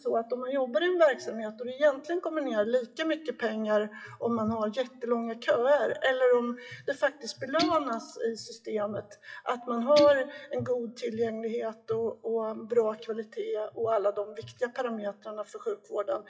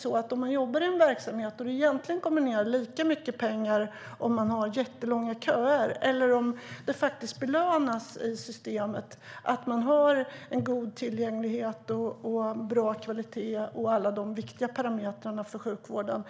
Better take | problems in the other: second | noise reduction (classical method WPE with log-MMSE)

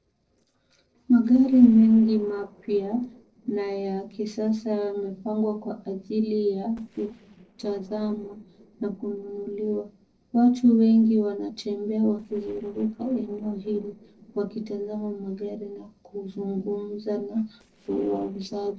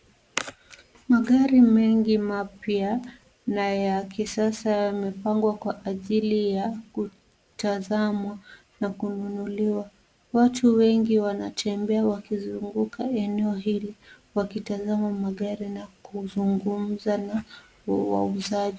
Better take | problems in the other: second | noise reduction (neural separator model SepFormer DNS4)

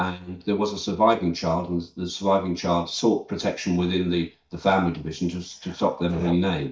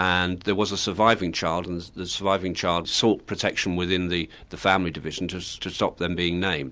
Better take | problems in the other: second | noise reduction (neural mask model DeepFilterNet 3)

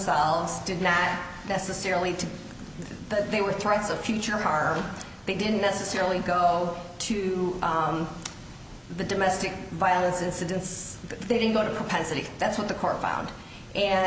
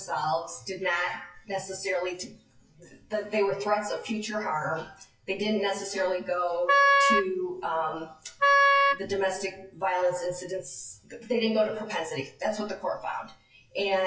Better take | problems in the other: first | noise reduction (classical method WPE with log-MMSE)

